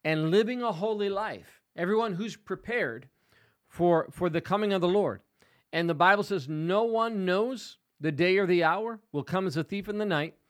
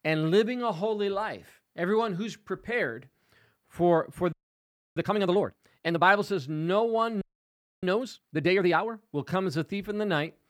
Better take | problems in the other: first | audio freezing; at 4.5 s for 0.5 s and at 7 s for 0.5 s

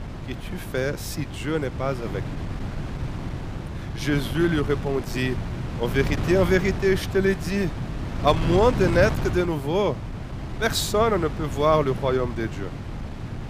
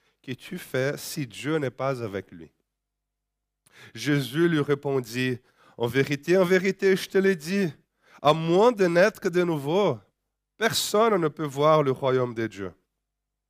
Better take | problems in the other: second | wind noise on the microphone; occasional gusts; 10 dB below the speech

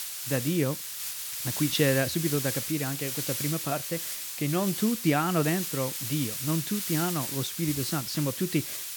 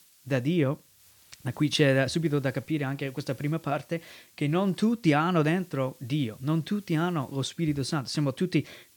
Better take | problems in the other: second | hiss; loud; throughout; 2 dB below the speech; faint in the second

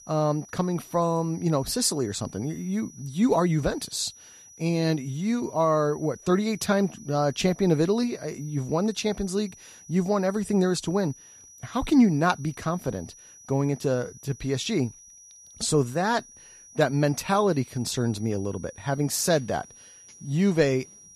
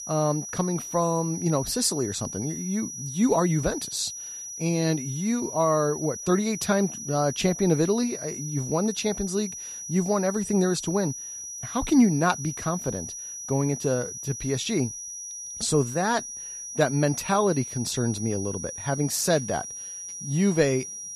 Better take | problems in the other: first | high-pitched whine; loud; throughout; 6 kHz, 8 dB below the speech; faint in the first

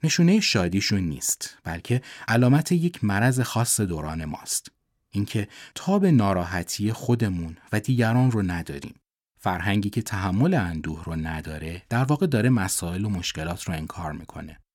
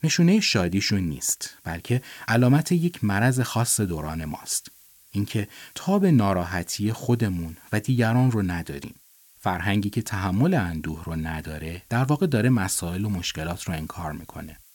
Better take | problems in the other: first | hiss; faint; throughout; 25 dB below the speech

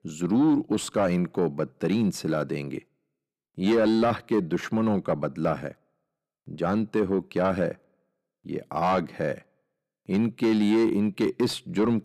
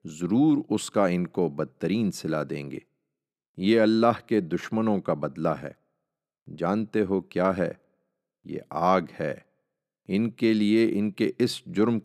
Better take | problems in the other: second | distortion; slight; 10 dB below the speech

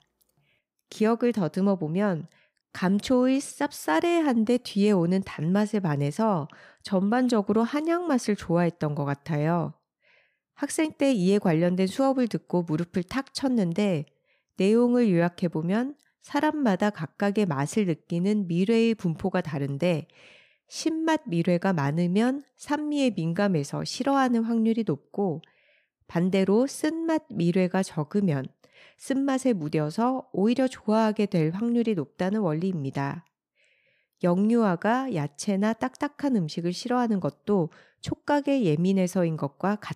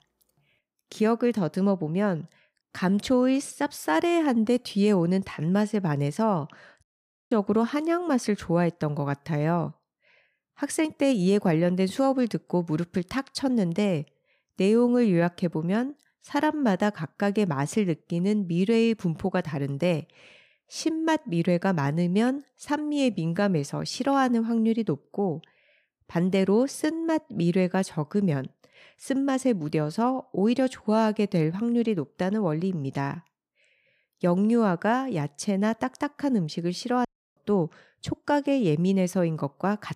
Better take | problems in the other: first | audio cutting out; at 7 s and at 37 s

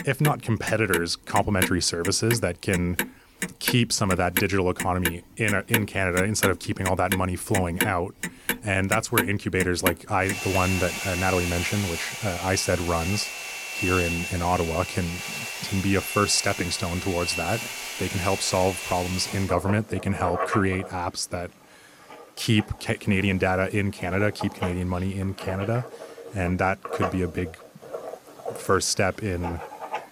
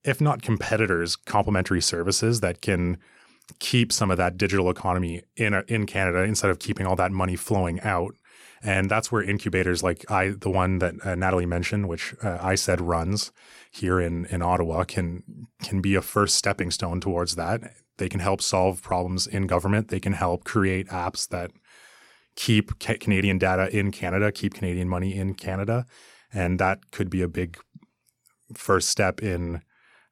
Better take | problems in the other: second | household noises; loud; throughout; 5 dB below the speech

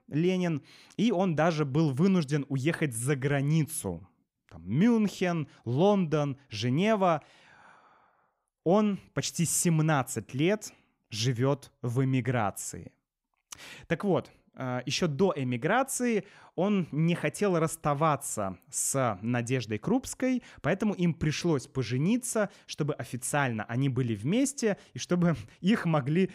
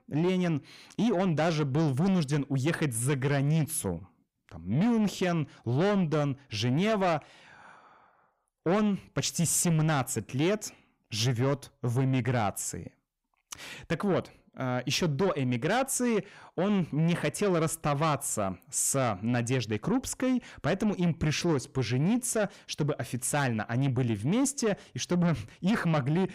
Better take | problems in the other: first | distortion; slight; 10 dB below the speech

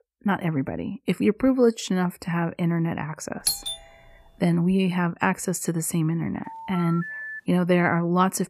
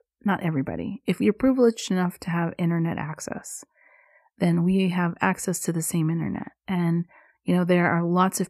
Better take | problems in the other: second | doorbell; noticeable; at 3.5 s; peak 1 dB below the speech // phone ringing; noticeable; at 6.5 s; peak 9 dB below the speech

